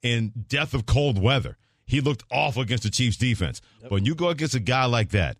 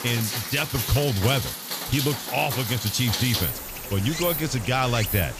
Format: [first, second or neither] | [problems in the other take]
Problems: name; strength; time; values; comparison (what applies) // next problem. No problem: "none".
first | rain or running water; loud; throughout; 3 dB below the speech